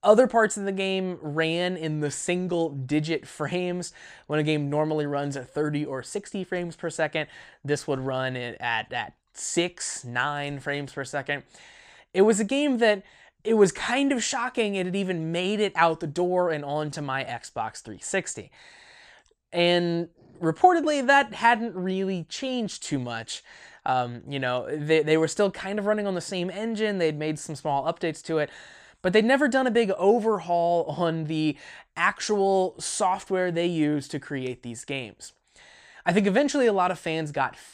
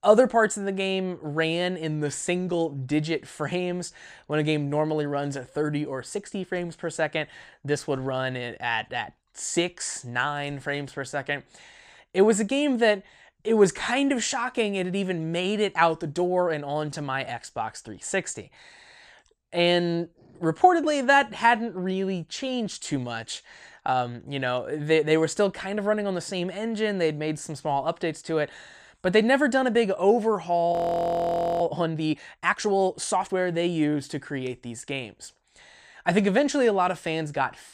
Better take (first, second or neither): first